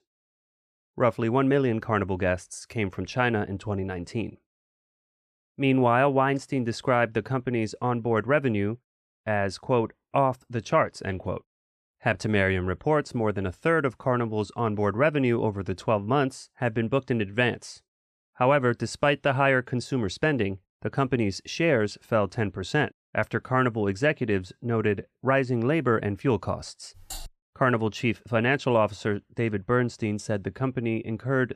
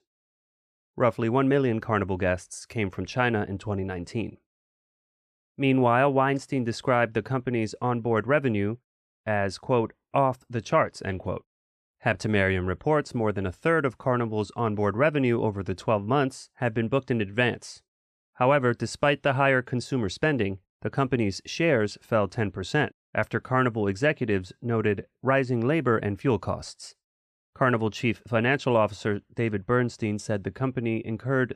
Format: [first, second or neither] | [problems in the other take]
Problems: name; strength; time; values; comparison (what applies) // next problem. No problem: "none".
second | keyboard typing; faint; at 27 s; peak 15 dB below the speech